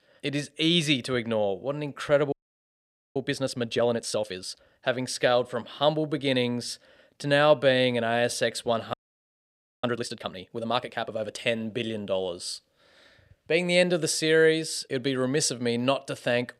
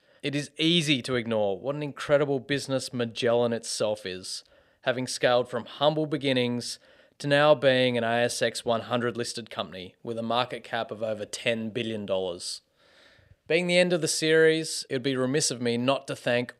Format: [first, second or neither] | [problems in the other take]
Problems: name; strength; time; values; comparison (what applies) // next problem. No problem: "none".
second | audio freezing; at 2.5 s for 1 s and at 9 s for 1 s